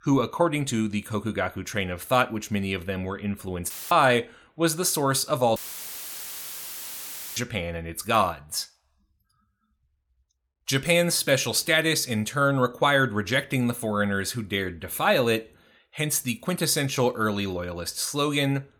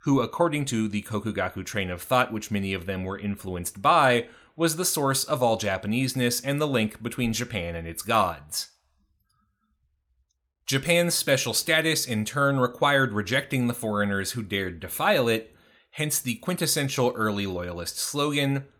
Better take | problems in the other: second | audio cutting out; filled with static; at 3.5 s and at 5.5 s for 2 s

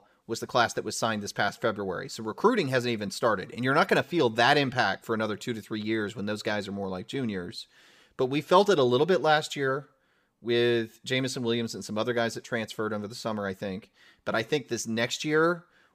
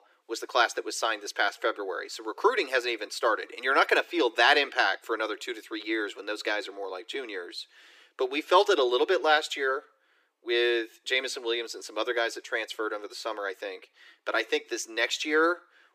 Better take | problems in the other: first | thin; very; fading below 300 Hz

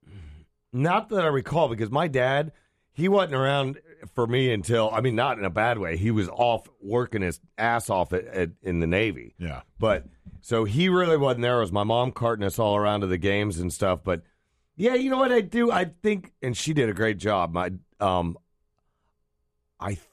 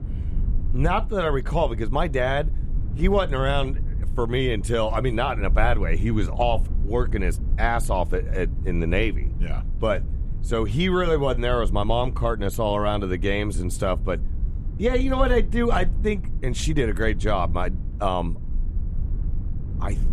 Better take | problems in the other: first | low rumble; faint; throughout; 20 dB below the speech

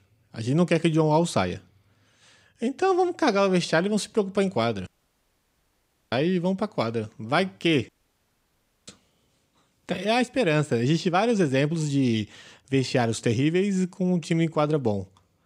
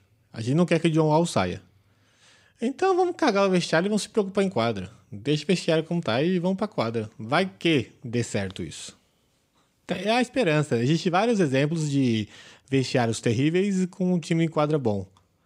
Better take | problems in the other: second | audio cutting out; at 5 s for 1.5 s and at 8 s for 1 s

